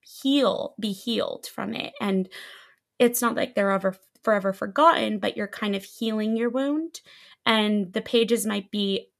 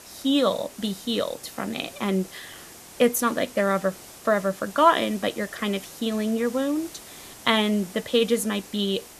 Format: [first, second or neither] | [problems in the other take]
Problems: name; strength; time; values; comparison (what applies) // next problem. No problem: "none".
first | hiss; noticeable; throughout; 20 dB below the speech